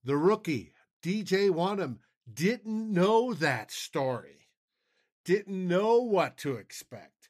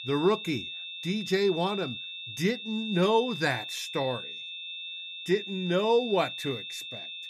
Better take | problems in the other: first | high-pitched whine; loud; throughout; 3.5 kHz, 7 dB below the speech

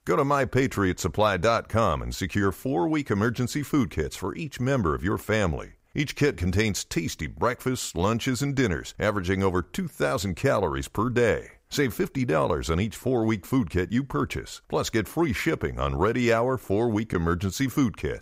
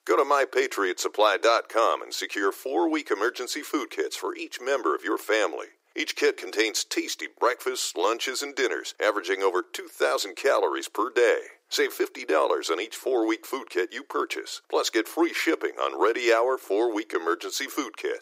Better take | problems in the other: first | thin; very; fading below 300 Hz

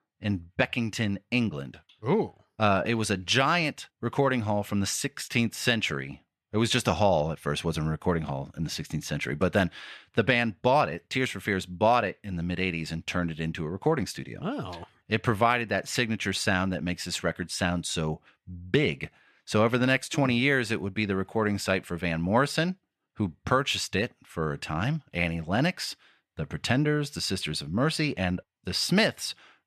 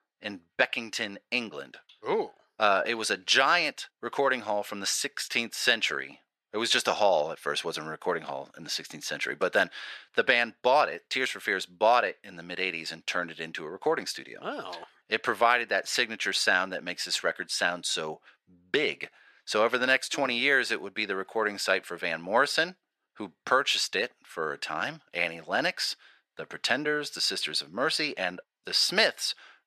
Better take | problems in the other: first | thin; somewhat; fading below 500 Hz

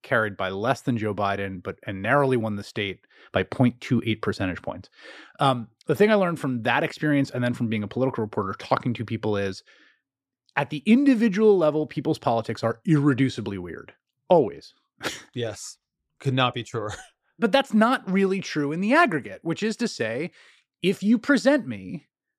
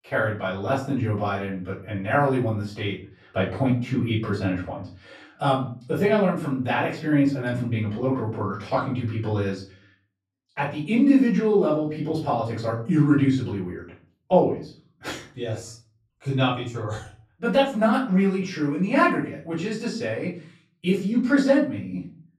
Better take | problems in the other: first | room echo; slight; dies away in 0.4 s // off-mic speech; far

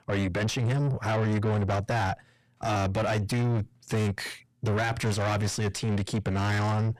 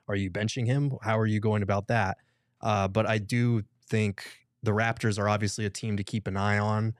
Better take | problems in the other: second | distortion; heavy; 5 dB below the speech

